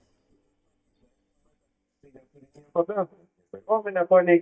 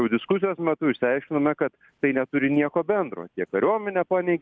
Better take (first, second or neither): second